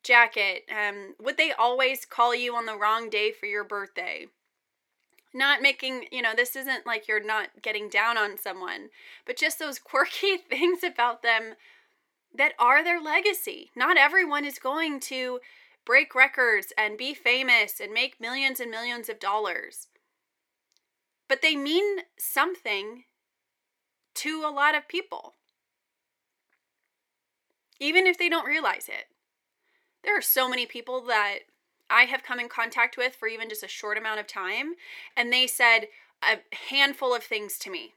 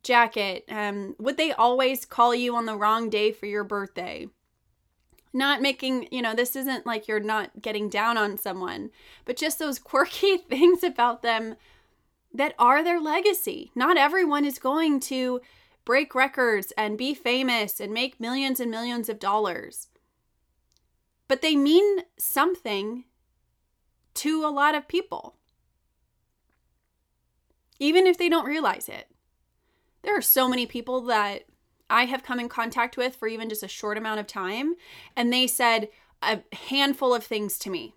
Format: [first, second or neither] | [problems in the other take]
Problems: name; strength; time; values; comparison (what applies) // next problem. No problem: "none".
second | thin; somewhat; fading below 450 Hz